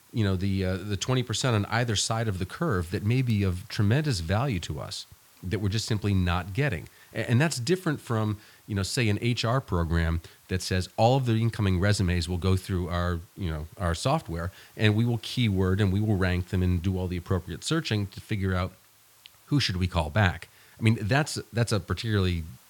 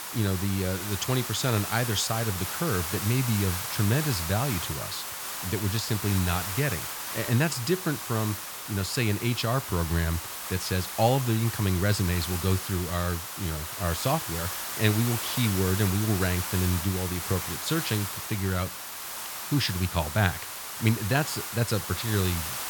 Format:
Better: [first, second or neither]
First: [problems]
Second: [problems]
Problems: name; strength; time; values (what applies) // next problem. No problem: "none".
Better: first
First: hiss; faint; throughout; 30 dB below the speech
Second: hiss; loud; throughout; 4 dB below the speech